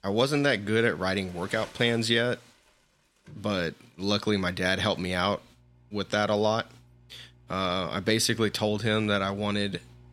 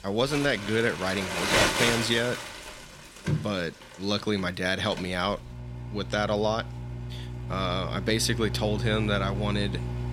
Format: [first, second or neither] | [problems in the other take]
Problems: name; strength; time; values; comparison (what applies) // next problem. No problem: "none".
first | household noises; loud; throughout; 3 dB below the speech; faint in the first